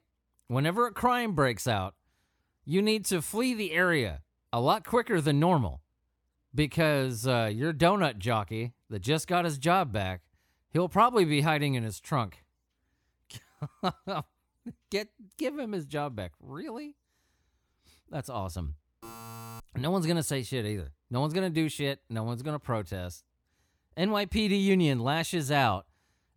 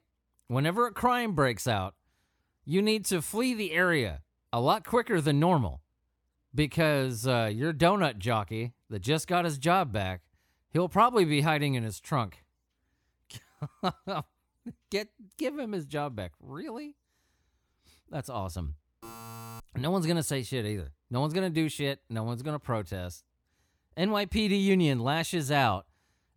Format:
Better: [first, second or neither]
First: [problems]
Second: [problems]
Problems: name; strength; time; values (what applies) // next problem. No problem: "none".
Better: neither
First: alarm; faint; at 19 s; peak 15 dB below the speech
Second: alarm; faint; at 19 s; peak 15 dB below the speech